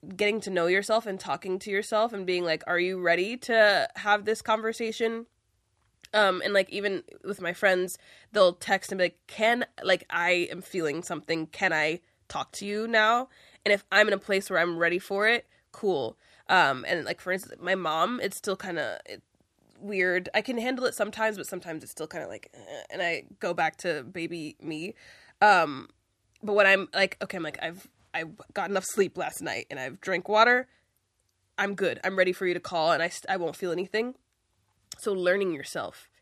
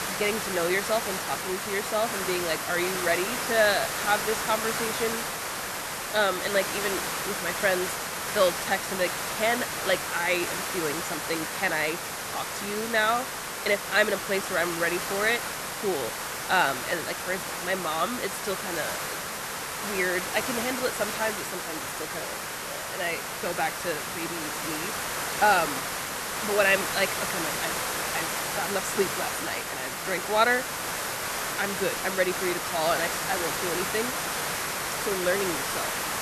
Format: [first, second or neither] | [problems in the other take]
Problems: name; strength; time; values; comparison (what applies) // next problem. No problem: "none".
first | hiss; loud; throughout; 1 dB below the speech